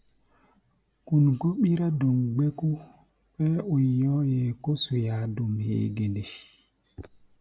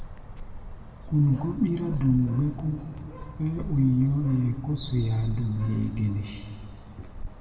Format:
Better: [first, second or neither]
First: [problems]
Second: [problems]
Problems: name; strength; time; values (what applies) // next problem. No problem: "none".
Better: first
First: none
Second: background sound (Bird); 11 dB below the speech // room echo; dies away in 2.1 s